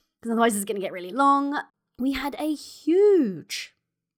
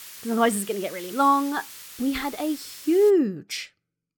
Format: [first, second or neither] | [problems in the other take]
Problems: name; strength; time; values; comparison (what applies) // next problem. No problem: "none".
first | hiss; noticeable; until 3 s; 15 dB below the speech